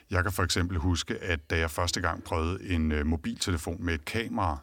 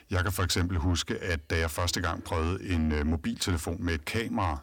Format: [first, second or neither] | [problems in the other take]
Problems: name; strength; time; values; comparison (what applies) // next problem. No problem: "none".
first | distortion; slight; 10 dB below the speech